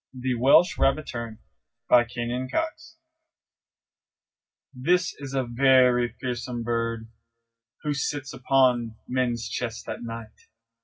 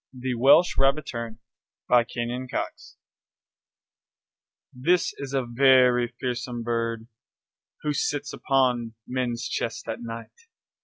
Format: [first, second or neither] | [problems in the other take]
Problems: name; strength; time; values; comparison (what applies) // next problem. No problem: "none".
second | room echo; dies away in 0.4 s